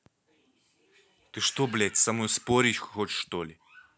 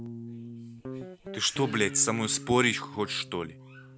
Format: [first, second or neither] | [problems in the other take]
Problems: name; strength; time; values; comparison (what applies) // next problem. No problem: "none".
first | background sound (Guitar); 12 dB below the speech